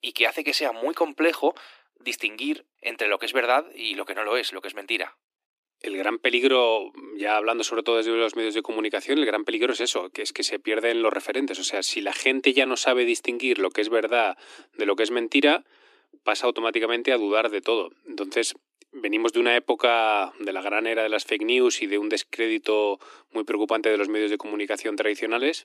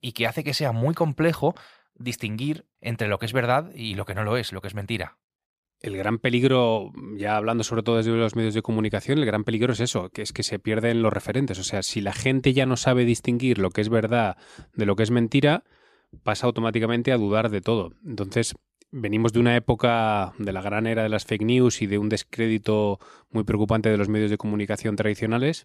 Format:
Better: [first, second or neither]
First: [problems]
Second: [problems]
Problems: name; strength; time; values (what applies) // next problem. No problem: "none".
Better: second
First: thin; somewhat; fading below 300 Hz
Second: none